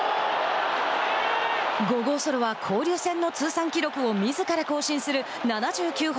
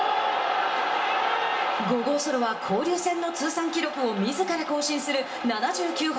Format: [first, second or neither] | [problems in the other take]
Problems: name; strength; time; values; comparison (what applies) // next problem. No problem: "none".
first | room echo; dies away in 0.7 s